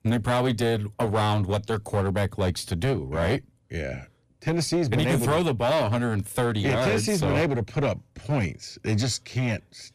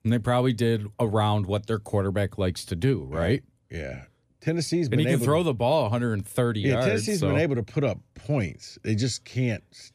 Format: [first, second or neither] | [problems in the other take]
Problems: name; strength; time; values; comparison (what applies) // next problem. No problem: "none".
second | distortion; heavy; 12% of the sound clipped